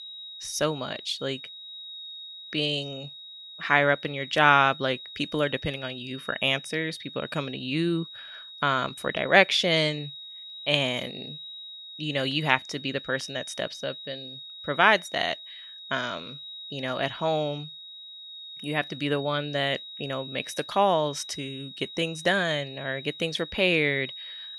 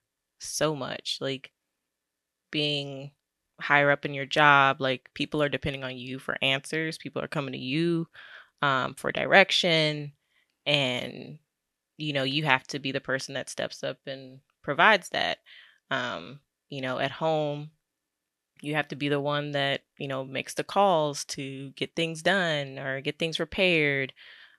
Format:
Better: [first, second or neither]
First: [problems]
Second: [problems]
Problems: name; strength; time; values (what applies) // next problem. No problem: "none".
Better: second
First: high-pitched whine; noticeable; throughout; 4 kHz, 15 dB below the speech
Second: none